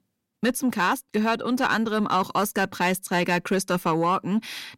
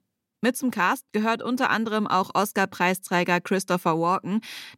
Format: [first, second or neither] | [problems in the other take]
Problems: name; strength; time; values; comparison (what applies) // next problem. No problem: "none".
second | distortion; slight; 10 dB below the speech